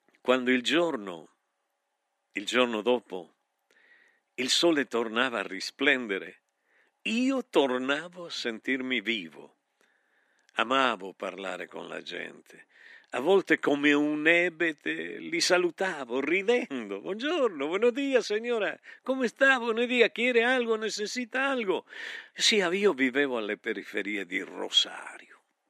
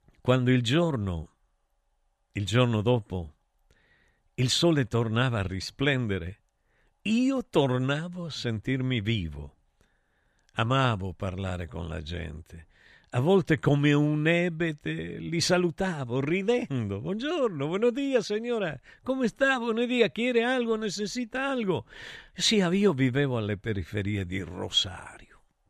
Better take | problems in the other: second | thin; somewhat; fading below 250 Hz

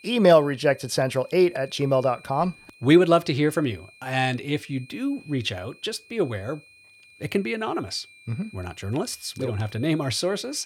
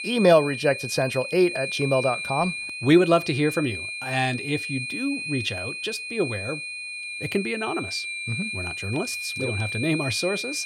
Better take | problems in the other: first | high-pitched whine; loud; throughout; 2.5 kHz, 5 dB below the speech; faint in the first

